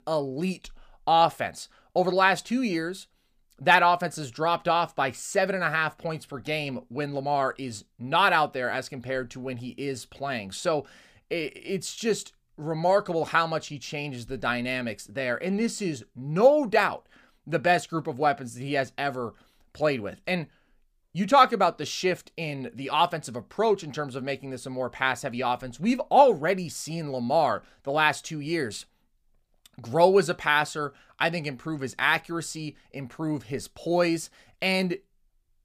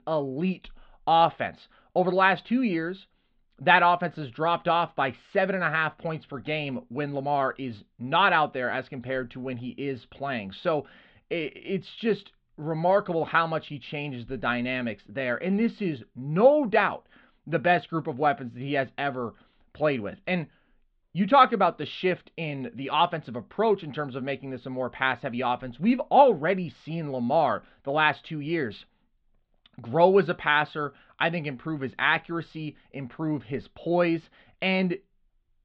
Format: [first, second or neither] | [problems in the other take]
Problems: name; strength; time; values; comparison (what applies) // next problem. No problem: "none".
first | muffled; slightly; fading above 3.5 kHz